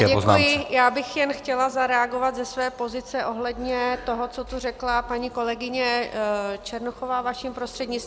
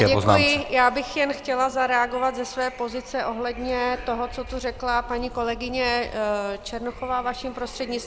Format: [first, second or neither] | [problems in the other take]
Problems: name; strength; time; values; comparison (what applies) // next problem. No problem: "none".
first | background sound (Wind); 18 dB below the speech